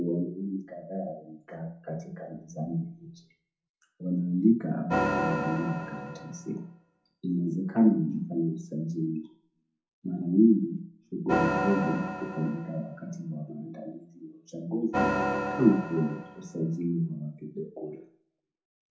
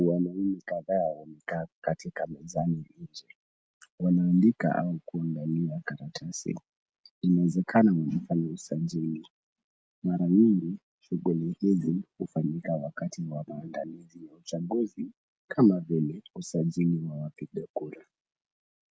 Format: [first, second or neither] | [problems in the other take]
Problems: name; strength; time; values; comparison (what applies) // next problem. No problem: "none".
second | background sound (Organ); 2 dB below the speech // room echo; dies away in 0.5 s